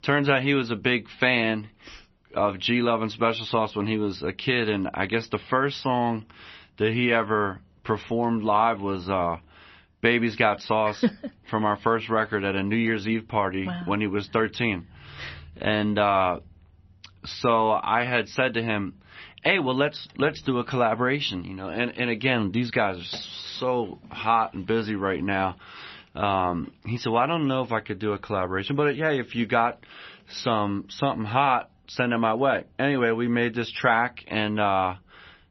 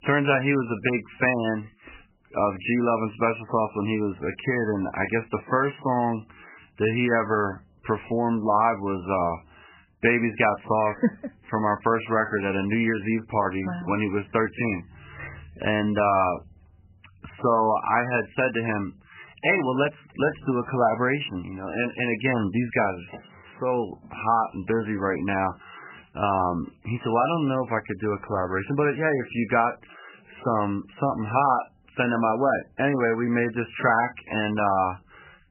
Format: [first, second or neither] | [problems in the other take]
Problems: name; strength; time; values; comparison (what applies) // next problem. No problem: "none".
first | garbled, watery; badly; nothing above 3 kHz; slightly in the first